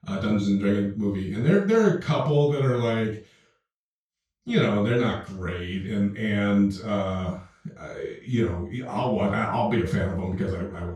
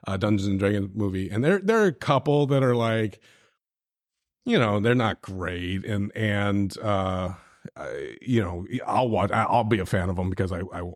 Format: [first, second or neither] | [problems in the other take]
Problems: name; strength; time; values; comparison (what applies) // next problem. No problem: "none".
second | room echo; noticeable; dies away in 0.3 s // off-mic speech; far